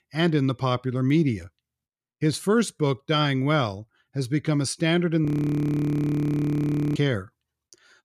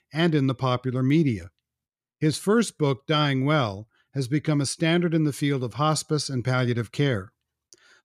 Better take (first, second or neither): second